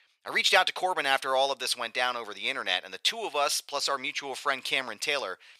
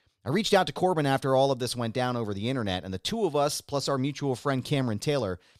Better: second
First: thin; very; fading below 800 Hz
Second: none

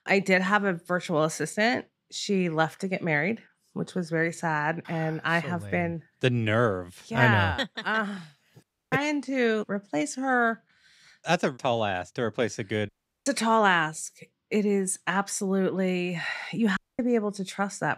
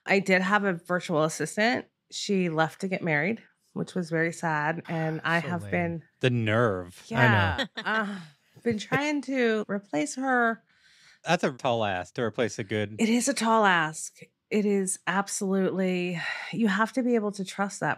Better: second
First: audio cutting out; at 8.5 s, at 13 s and at 17 s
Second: none

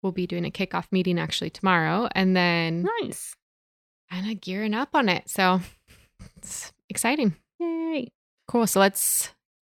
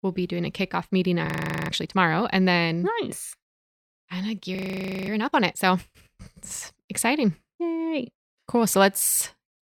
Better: first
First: none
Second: audio freezing; at 1.5 s and at 4.5 s for 0.5 s

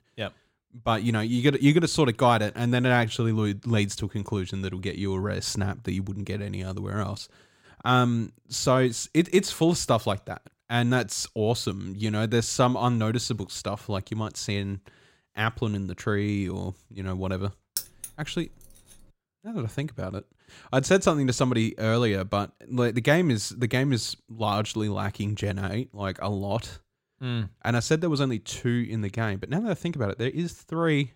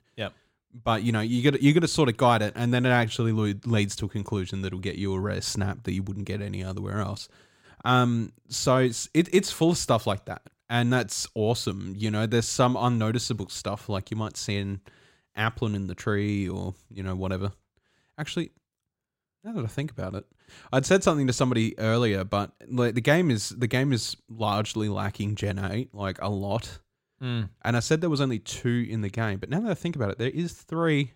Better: second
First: jangling keys; noticeable; at 18 s; peak 6 dB below the speech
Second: none

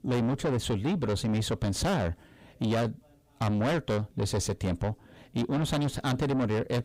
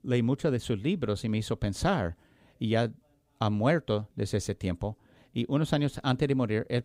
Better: second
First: distortion; heavy; 6 dB below the speech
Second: none

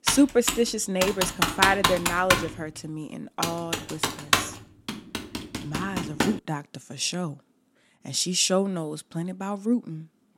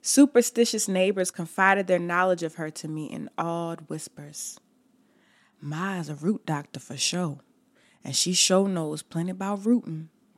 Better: second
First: keyboard typing; loud; until 6.5 s; peak 5 dB above the speech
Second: none

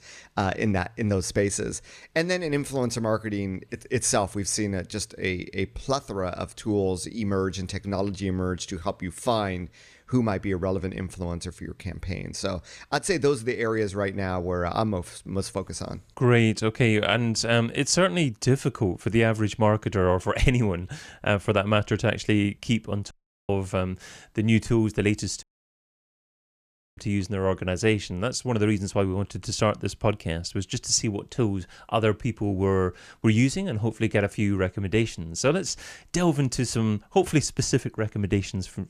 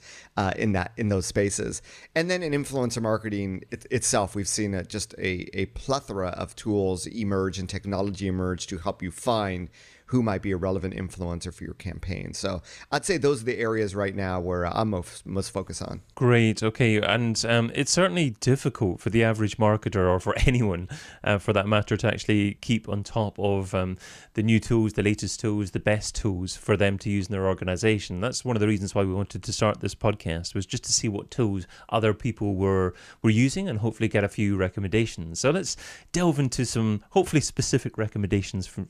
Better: second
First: audio cutting out; at 23 s and at 25 s for 1.5 s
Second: none

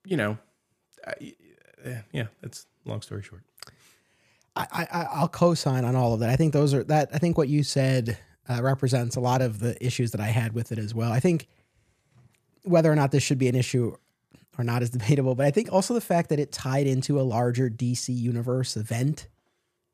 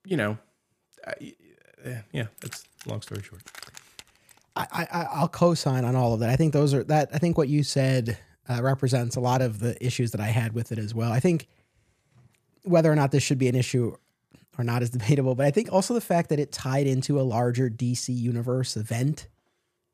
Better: first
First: none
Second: jangling keys; faint; from 2 to 4.5 s; peak 15 dB below the speech

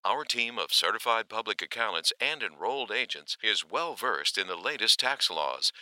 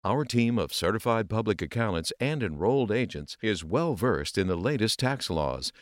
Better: second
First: thin; very; fading below 900 Hz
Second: none

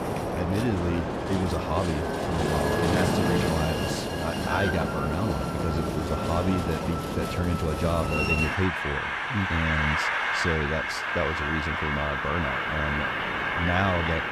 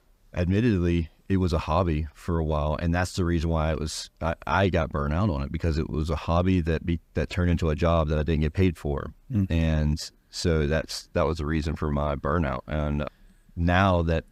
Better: second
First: train or aircraft noise; very loud; throughout; 2 dB above the speech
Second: none

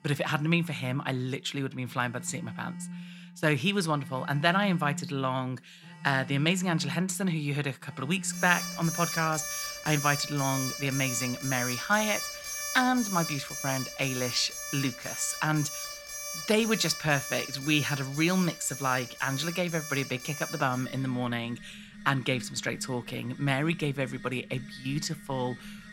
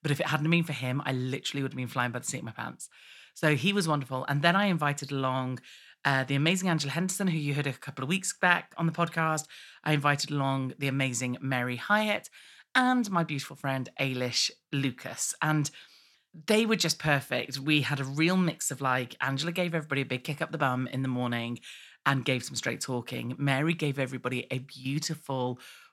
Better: second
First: alarms or sirens; loud; throughout; 7 dB below the speech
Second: none

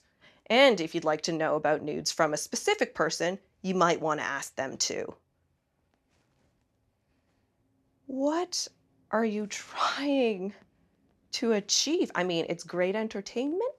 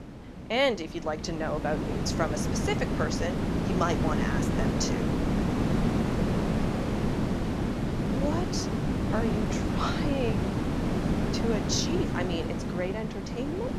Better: first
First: none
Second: wind noise on the microphone; heavy; 1 dB below the speech

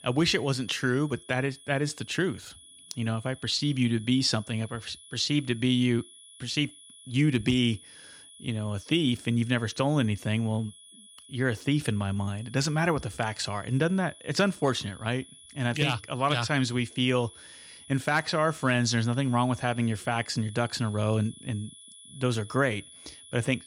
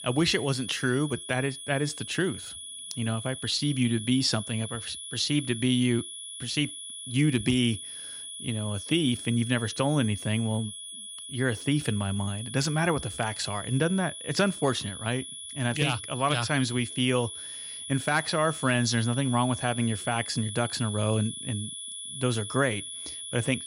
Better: first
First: high-pitched whine; faint; throughout; 10 kHz, 20 dB below the speech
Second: high-pitched whine; loud; throughout; 10 kHz, 9 dB below the speech

